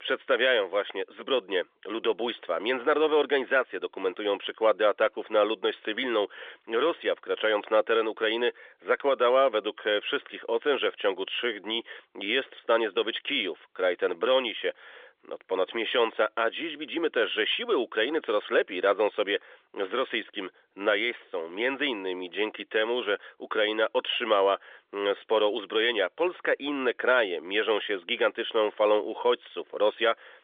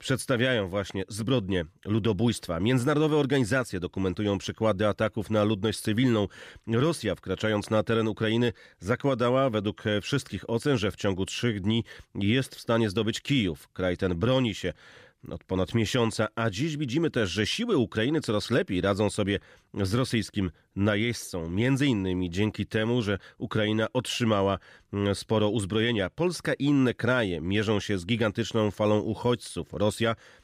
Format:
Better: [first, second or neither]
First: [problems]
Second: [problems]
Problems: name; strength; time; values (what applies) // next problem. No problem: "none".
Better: second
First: phone-call audio; nothing above 3.5 kHz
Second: none